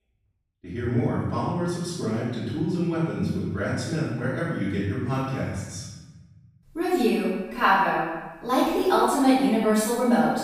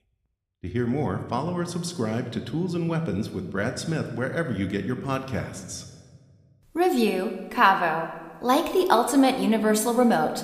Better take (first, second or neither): second